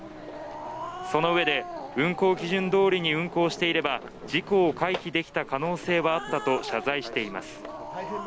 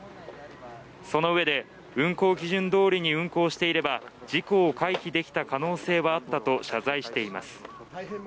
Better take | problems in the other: second | background sound (Growling); 12 dB below the speech

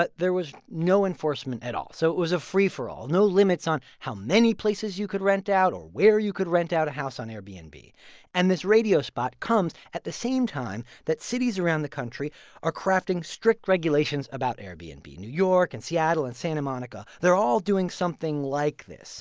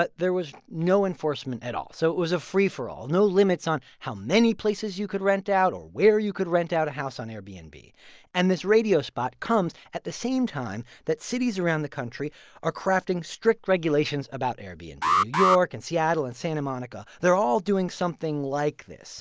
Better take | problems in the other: first | background sound (Alarm); 1 dB below the speech

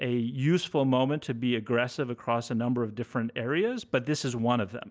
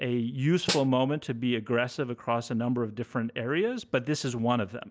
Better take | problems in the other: first | background sound (Snare drum); 7 dB below the speech

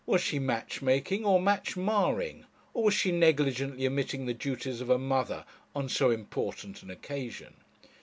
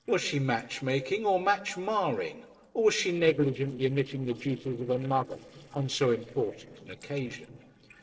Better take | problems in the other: first | noise reduction (neural separator model SepFormer DNS4)

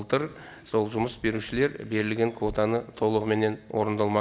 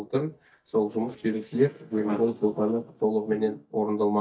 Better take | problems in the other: first | noise reduction (neural mask model DeepFilterNet 3)

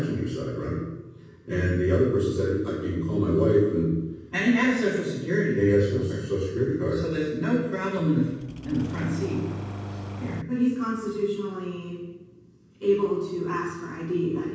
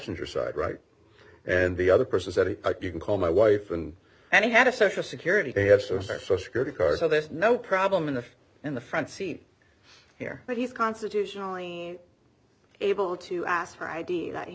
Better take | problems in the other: second | background sound (Engine starting); 10 dB below the speech // room echo; dies away in 1.2 s

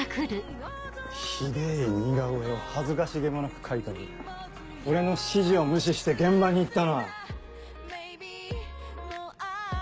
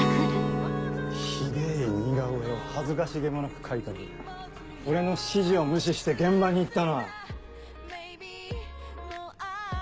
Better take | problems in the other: first | background sound (Guitar); 6 dB below the speech

